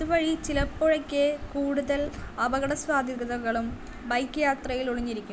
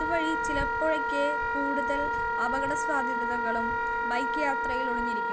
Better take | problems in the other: first | background sound (Wind instrument, woodwind instrument); 4 dB above the speech

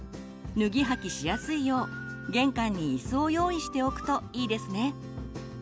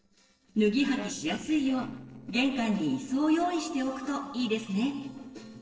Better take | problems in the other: first | noise reduction (neural separator model SepFormer DNS4)

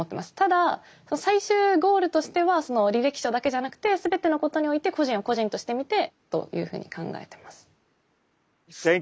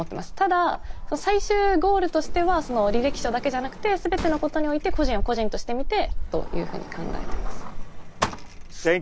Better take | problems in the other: first | background sound (Sliding door); 2 dB below the speech

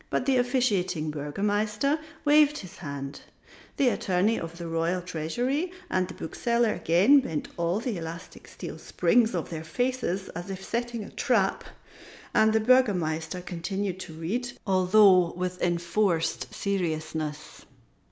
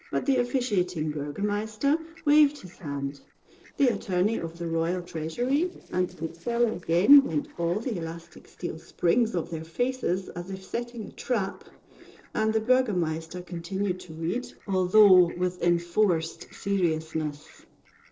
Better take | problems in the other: first | noise reduction (neural separator model SepFormer DNS4)

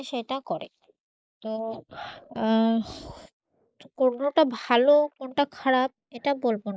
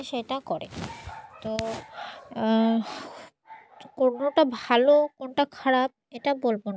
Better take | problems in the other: second | noise reduction (neural mask model Resemble Enhance denoiser)

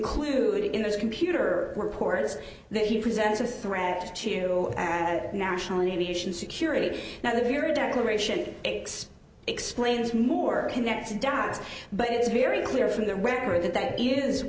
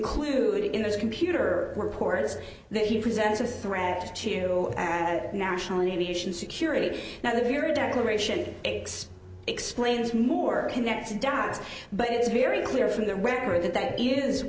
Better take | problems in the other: first | background sound (Bowed string instrument); 19 dB below the speech

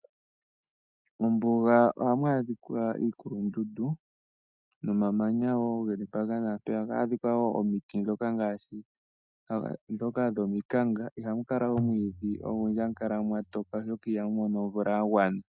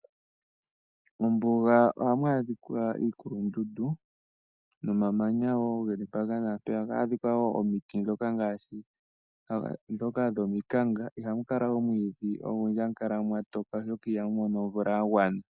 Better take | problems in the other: second | noise reduction (neural mask model RNNoise)

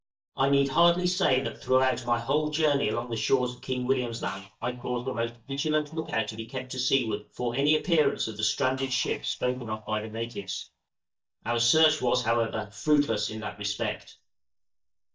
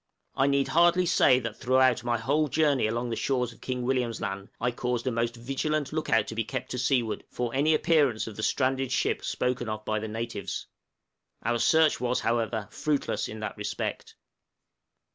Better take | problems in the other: second | noise reduction (neural mask model DeepFilterNet 3)

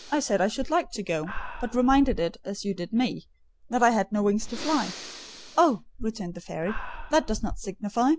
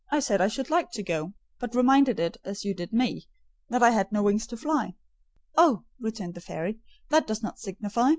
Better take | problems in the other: second | background sound (Breathing); 11 dB below the speech

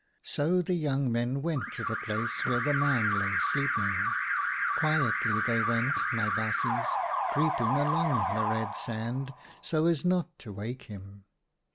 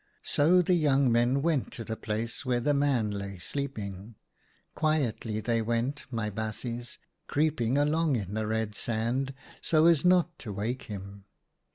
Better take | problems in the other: second | background sound (Alarm); as loud as the speech

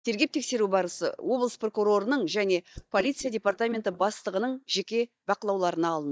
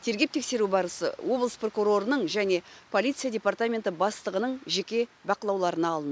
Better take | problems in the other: second | noise reduction (neural mask model DeepFilterNet 3)

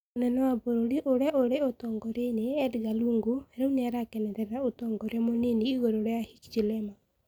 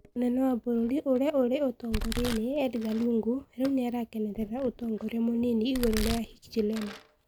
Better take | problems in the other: first | background sound (Domestic sounds, home sounds); 11 dB below the speech

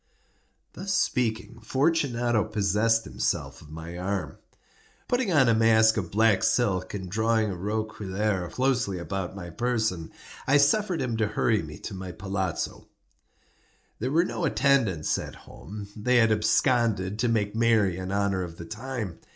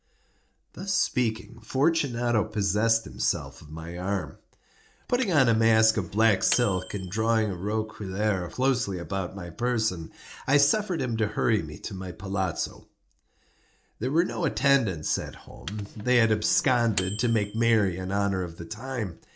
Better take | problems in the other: first | background sound (Microwave oven); 15 dB below the speech

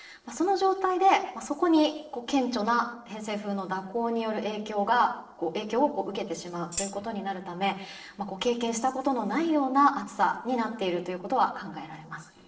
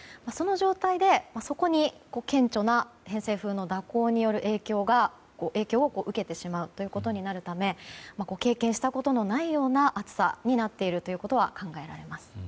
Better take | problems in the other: second | noise reduction (neural separator model SepFormer DNS4)

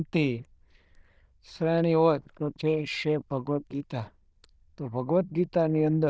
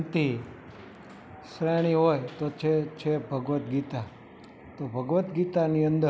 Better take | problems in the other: second | noise reduction (neural diffusion model UNIVERSE++)

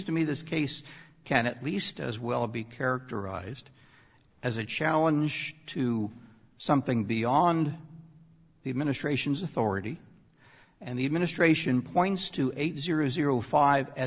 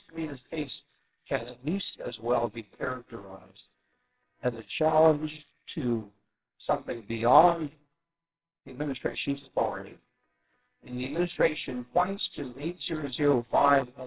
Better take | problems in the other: first | noise reduction (neural separator model SepFormer WHAMR!)

